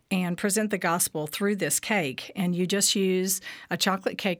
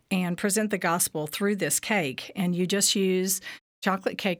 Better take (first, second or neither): first